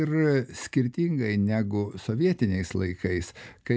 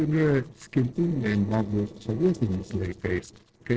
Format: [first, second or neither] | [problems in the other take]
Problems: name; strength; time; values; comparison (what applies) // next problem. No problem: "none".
first | noise reduction (neural separator model SepFormer DNS4)